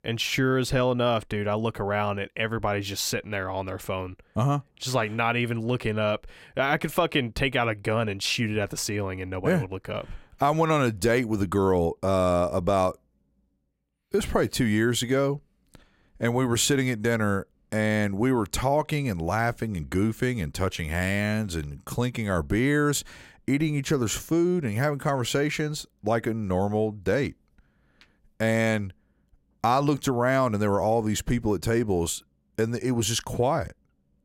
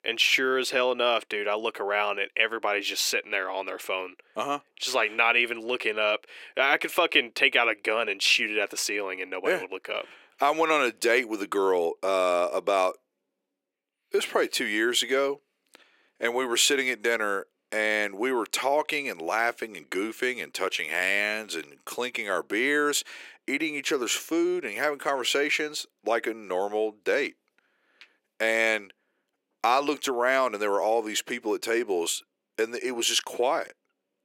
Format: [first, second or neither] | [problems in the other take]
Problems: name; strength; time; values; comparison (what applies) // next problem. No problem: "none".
first | thin; somewhat; fading below 350 Hz